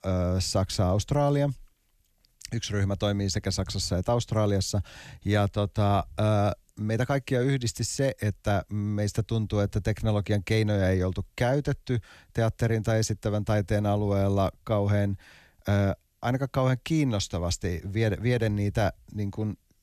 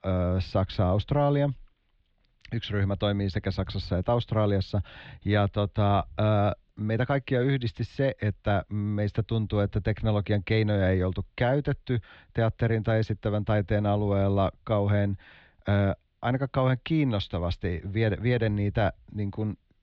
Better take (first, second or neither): first